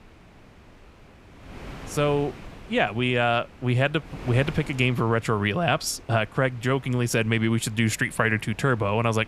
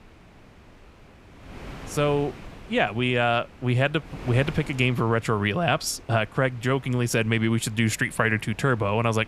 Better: neither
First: wind noise on the microphone; occasional gusts; 20 dB below the speech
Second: wind noise on the microphone; occasional gusts; 20 dB below the speech

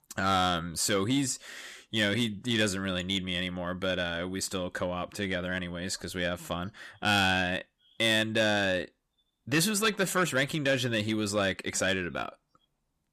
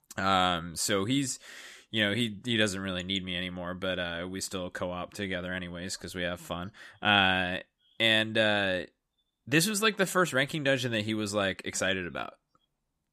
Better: second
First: distortion; slight; 10 dB below the speech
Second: none

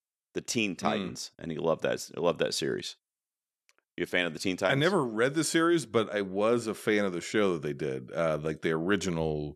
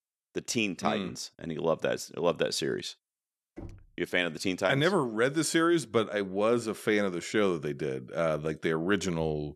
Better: first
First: none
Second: door banging; faint; at 3.5 s; peak 20 dB below the speech

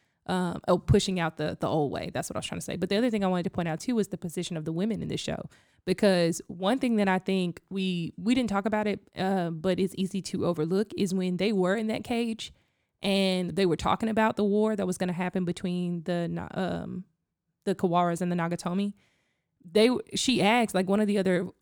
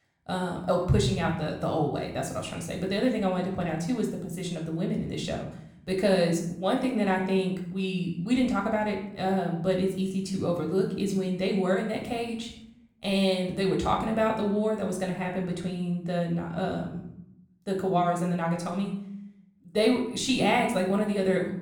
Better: first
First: none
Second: room echo; slight; dies away in 0.6 s // off-mic speech; somewhat distant

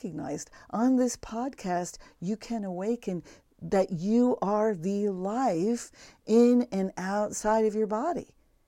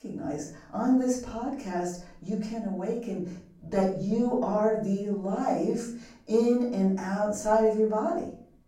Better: first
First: none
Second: off-mic speech; far // room echo; noticeable; dies away in 0.4 s

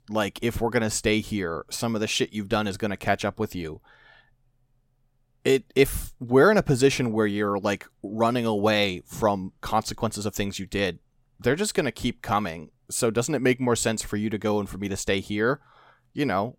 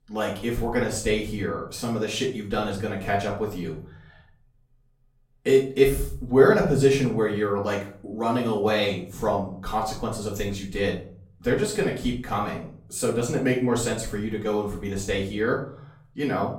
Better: first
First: none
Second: off-mic speech; far // room echo; slight; dies away in 0.5 s

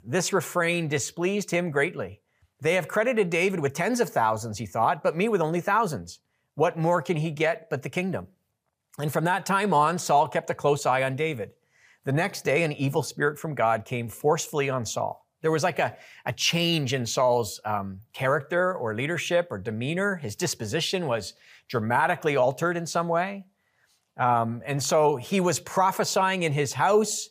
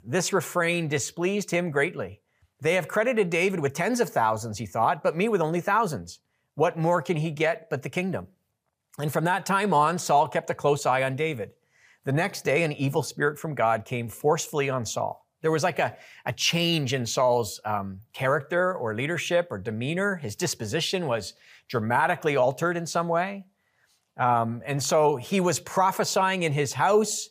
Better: neither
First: none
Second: none

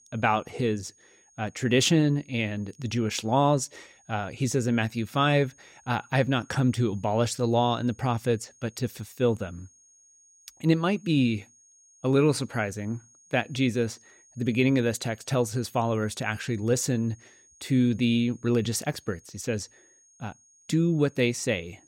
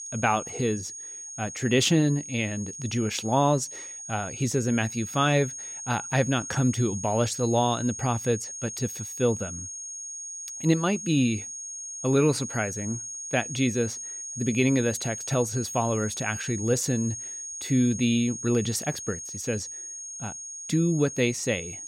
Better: first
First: high-pitched whine; faint; throughout; 6.5 kHz, 30 dB below the speech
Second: high-pitched whine; loud; throughout; 6.5 kHz, 8 dB below the speech

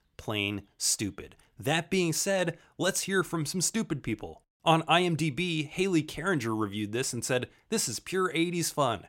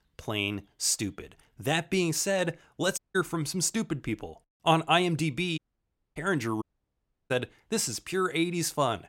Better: first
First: none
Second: audio cutting out; at 3 s, at 5.5 s for 0.5 s and at 6.5 s for 0.5 s

